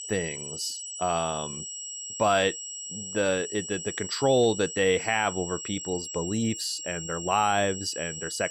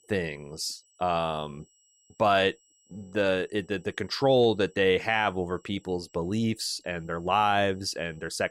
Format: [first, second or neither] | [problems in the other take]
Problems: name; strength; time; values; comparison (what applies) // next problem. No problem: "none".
second | high-pitched whine; loud; throughout; 7.5 kHz, 7 dB below the speech; faint in the second